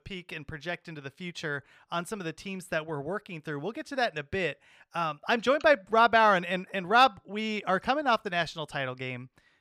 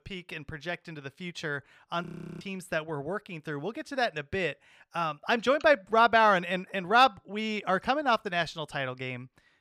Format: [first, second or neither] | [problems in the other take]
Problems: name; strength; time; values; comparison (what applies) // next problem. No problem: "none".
first | audio freezing; at 2 s